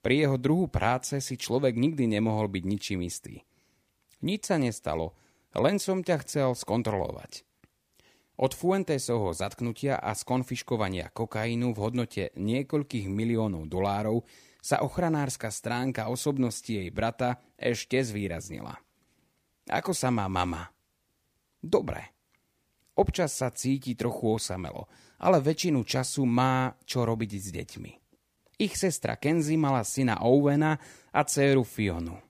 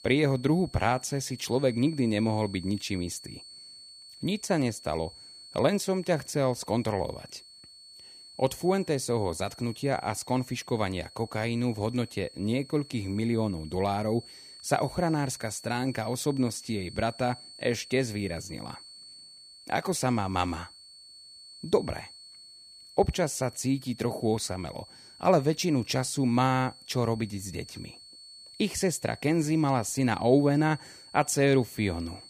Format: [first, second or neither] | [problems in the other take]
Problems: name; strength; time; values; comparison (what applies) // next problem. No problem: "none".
first | high-pitched whine; noticeable; throughout; 4.5 kHz, 20 dB below the speech